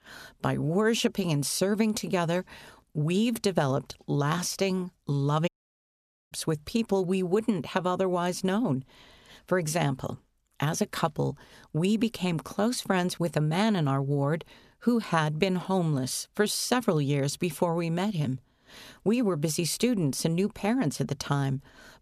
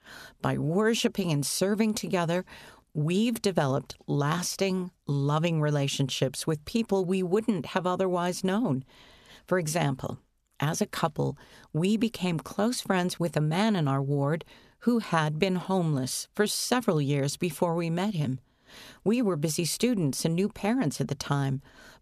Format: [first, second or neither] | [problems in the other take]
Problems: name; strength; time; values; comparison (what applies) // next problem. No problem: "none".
second | audio cutting out; at 5.5 s for 1 s